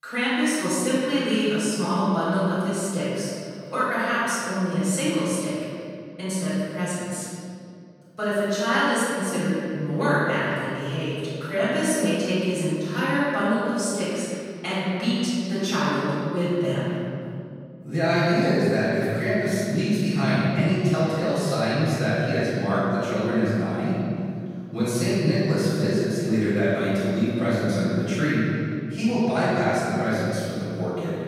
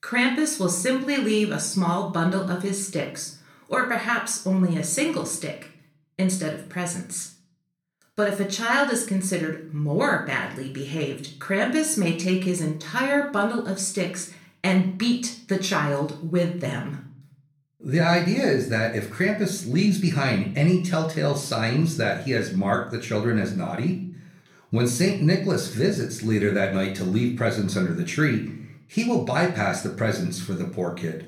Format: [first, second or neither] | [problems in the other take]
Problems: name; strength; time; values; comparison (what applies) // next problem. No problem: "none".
second | room echo; strong; dies away in 2.4 s; slight in the second // off-mic speech; far; somewhat distant in the second